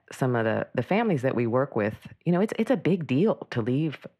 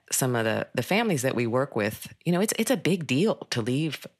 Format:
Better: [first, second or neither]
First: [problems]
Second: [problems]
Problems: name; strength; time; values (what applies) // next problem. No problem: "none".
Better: second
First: muffled; very; fading above 3.5 kHz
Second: none